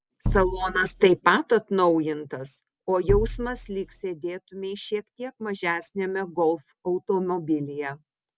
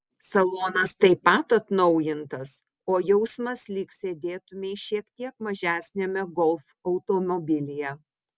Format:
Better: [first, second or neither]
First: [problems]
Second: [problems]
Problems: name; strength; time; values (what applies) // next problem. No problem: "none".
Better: second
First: background sound (Bass drum); 4 dB below the speech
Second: none